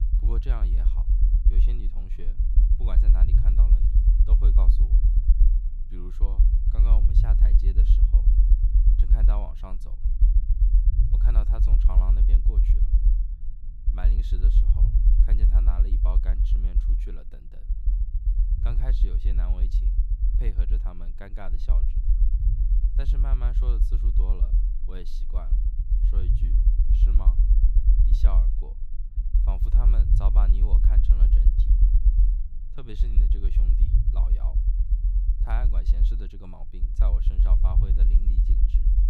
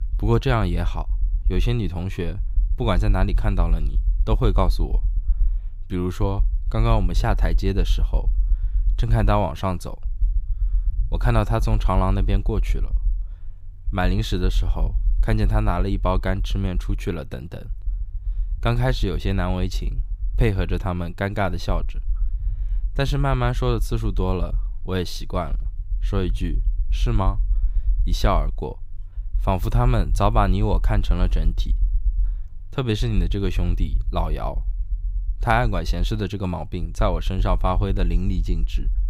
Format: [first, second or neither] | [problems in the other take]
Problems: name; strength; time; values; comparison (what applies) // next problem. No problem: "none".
second | low rumble; loud; throughout; as loud as the speech; faint in the second